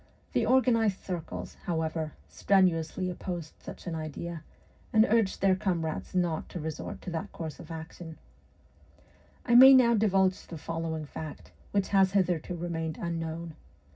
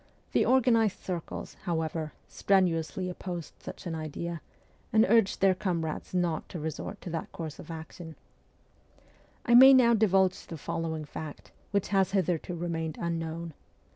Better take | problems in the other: second | room echo; dies away in 0.4 s

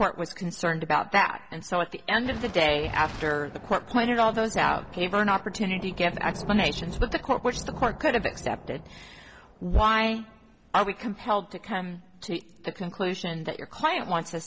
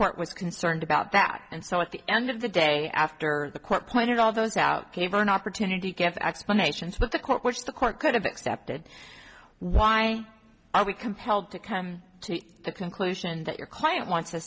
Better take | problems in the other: second | background sound (Thunder); 15 dB below the speech

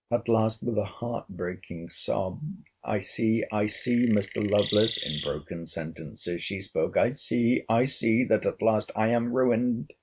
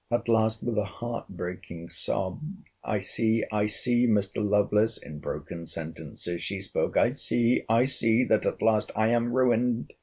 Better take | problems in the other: second | noise reduction (neural mask model RNNoise)

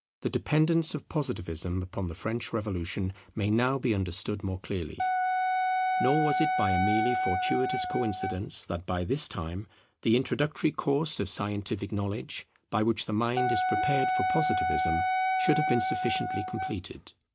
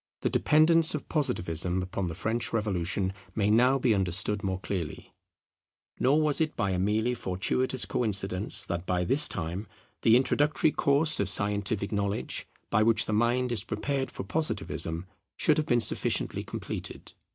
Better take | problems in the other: second | background sound (Wind instrument, woodwind instrument); 2 dB above the speech

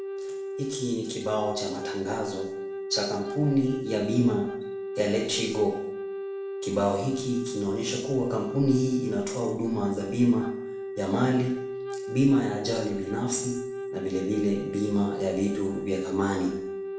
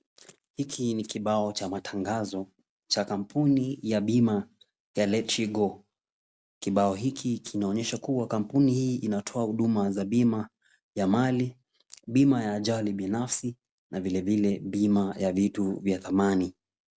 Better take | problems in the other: second | background sound (Wind instrument, woodwind instrument); 6 dB below the speech // room echo; dies away in 0.7 s

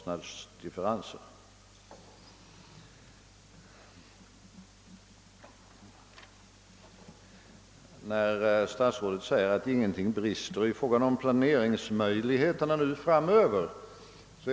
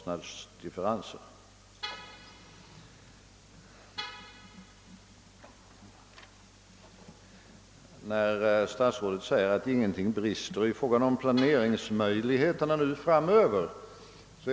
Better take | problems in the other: first | background sound (Vehicle horn, car horn, honking); 18 dB below the speech

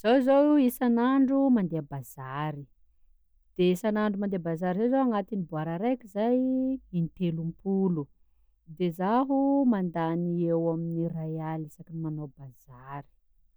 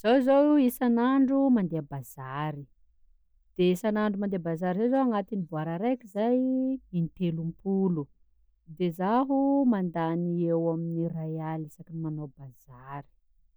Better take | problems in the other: first | noise reduction (neural mask model Resemble Enhance denoiser)

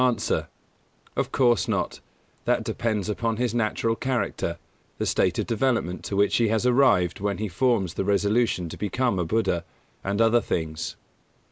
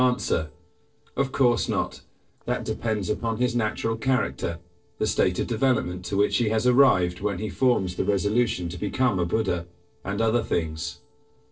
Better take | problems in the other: first | noise reduction (neural separator model SepFormer DNS4)

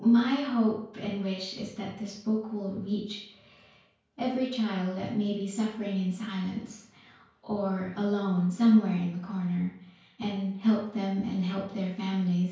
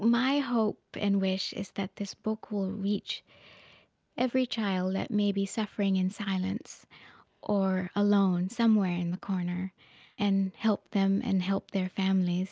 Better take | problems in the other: second | room echo; dies away in 0.5 s

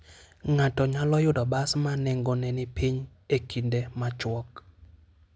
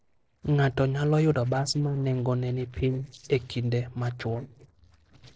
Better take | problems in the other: first | noise reduction (neural separator model SepFormer DNS4)

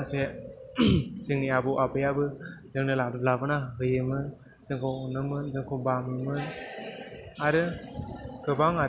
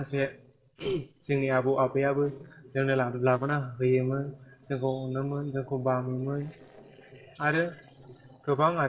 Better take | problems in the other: first | noise reduction (neural separator model SepFormer DNS4)

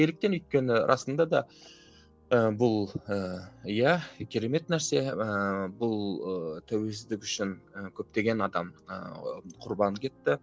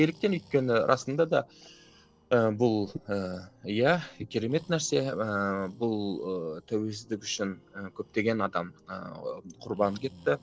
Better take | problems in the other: first | noise reduction (neural separator model SepFormer DNS4)

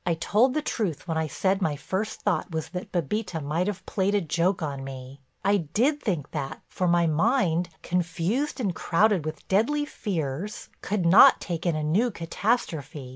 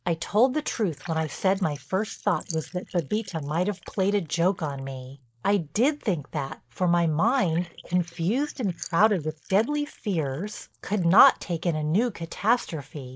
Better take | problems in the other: first | noise reduction (neural mask model Resemble Enhance denoiser)

